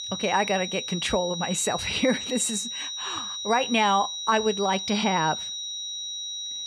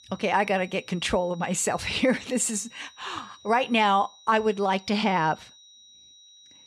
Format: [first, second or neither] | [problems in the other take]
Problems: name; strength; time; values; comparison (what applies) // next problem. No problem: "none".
second | high-pitched whine; loud; throughout; 4 kHz, 5 dB below the speech; faint in the second